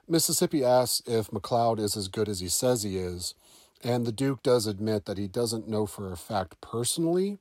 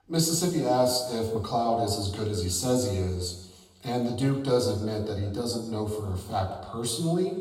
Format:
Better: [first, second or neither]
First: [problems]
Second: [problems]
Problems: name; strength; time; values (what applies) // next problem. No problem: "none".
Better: first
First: none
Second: room echo; noticeable; dies away in 1 s // off-mic speech; far